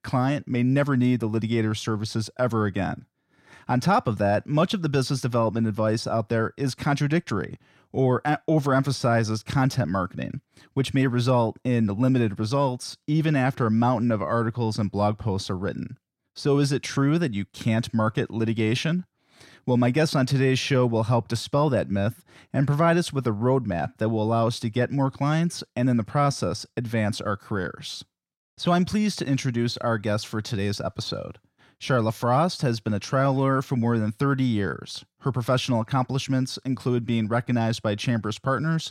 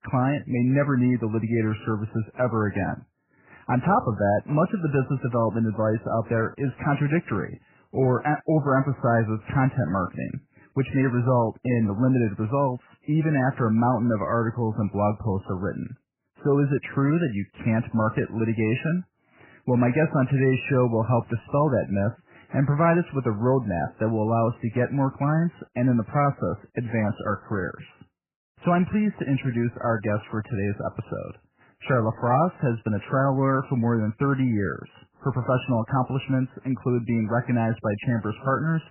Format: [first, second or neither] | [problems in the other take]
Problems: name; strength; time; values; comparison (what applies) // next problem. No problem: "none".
first | garbled, watery; badly; nothing above 3 kHz